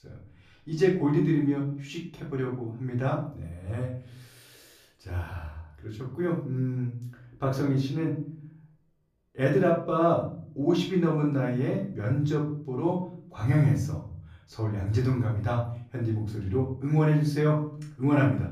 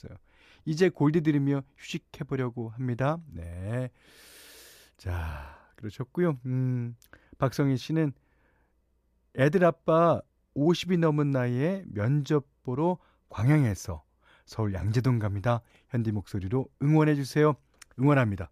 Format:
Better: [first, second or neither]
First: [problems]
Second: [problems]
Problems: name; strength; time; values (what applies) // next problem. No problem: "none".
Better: second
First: room echo; slight; dies away in 0.5 s // off-mic speech; far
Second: none